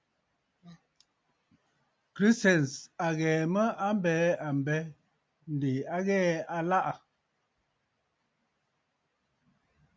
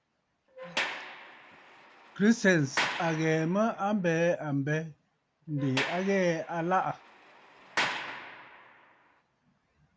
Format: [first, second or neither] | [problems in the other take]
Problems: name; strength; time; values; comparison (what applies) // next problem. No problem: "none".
first | background sound (Sliding door); 8 dB below the speech